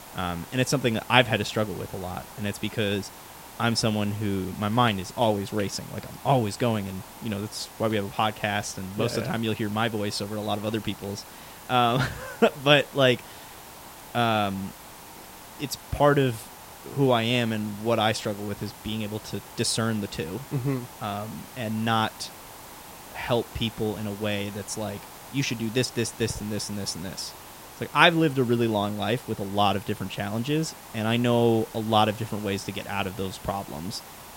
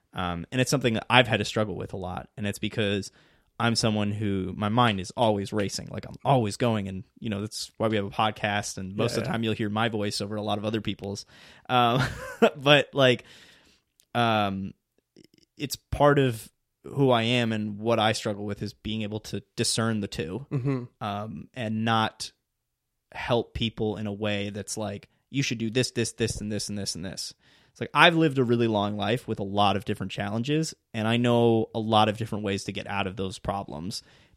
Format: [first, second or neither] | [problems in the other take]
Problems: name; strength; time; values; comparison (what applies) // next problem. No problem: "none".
second | hiss; noticeable; throughout; 15 dB below the speech